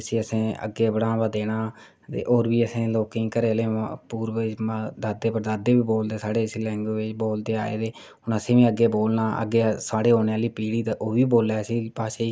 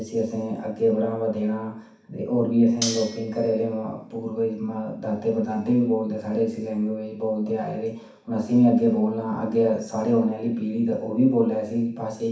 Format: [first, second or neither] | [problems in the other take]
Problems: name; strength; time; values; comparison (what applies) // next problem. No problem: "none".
first | background sound (Cutlery, silverware); 10 dB below the speech // room echo; dies away in 0.6 s